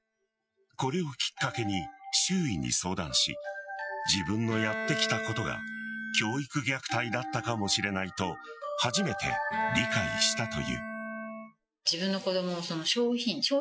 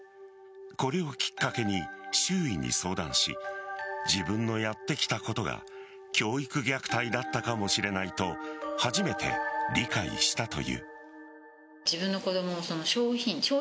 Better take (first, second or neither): second